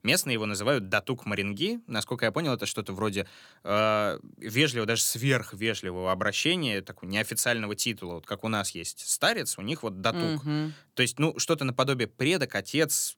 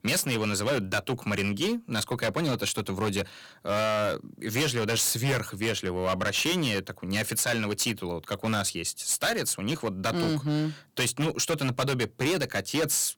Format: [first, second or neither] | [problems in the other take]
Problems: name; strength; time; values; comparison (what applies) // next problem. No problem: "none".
first | distortion; heavy; 14% of the sound clipped